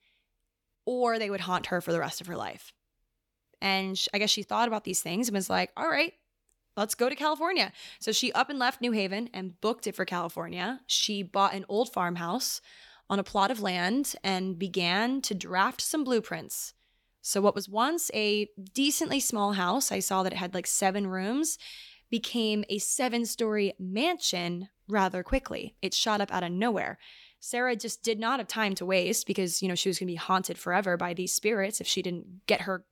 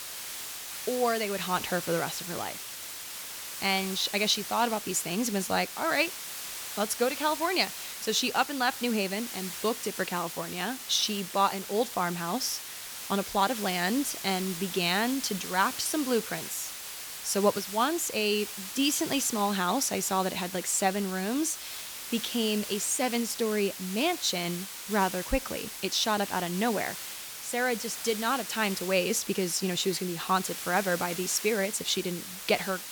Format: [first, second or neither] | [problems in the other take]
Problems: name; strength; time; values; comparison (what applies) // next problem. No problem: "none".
first | hiss; loud; throughout; 8 dB below the speech